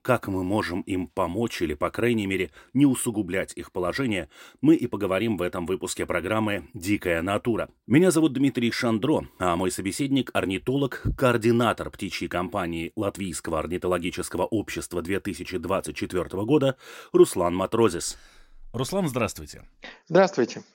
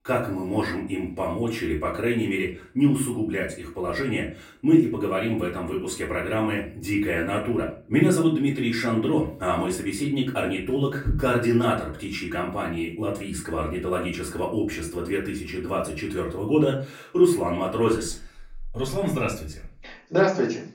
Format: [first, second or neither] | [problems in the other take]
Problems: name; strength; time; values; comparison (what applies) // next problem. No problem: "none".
first | room echo; slight; dies away in 0.3 s // off-mic speech; far